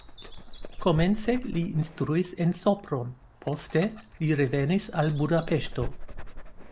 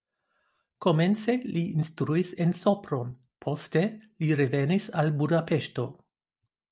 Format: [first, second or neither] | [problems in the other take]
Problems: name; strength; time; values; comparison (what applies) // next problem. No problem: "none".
second | background sound (Dog); 10 dB below the speech